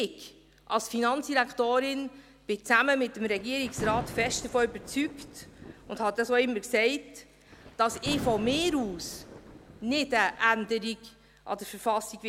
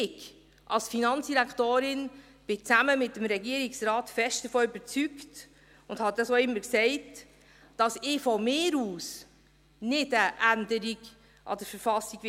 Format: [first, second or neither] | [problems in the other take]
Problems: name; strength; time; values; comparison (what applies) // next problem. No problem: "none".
second | background sound (Thunder); 13 dB below the speech